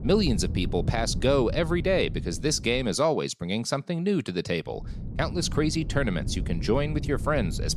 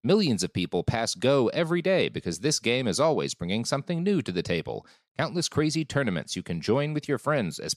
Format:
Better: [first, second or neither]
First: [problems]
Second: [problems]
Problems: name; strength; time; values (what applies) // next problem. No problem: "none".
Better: second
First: wind noise on the microphone; occasional gusts; until 3 s and from 4.5 s on; 15 dB below the speech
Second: none